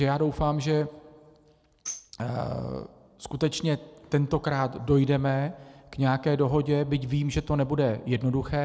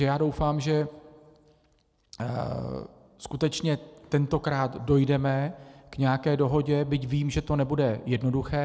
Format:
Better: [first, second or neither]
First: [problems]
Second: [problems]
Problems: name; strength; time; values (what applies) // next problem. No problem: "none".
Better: second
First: background sound (Tambourine); 17 dB below the speech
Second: none